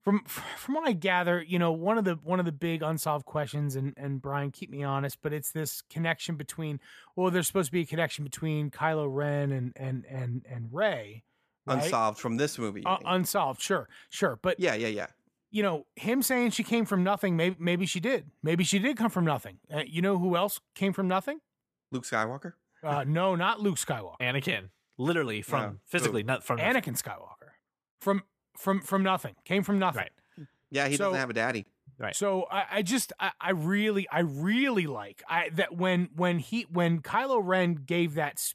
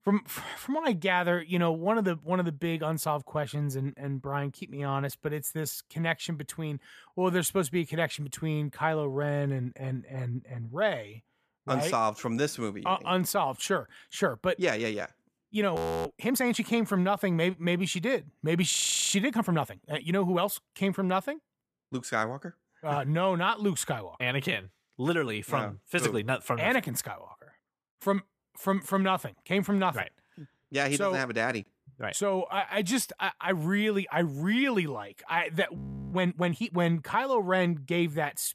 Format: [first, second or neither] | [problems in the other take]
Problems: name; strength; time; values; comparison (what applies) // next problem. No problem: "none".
first | audio freezing; at 16 s, at 19 s and at 36 s